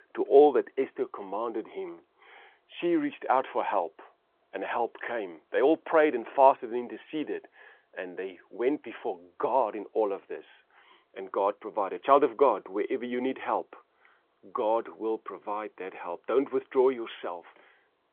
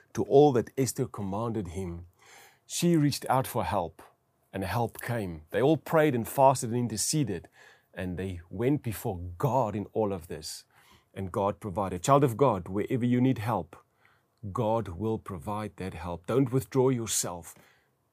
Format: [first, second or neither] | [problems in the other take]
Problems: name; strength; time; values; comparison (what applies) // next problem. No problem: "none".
second | phone-call audio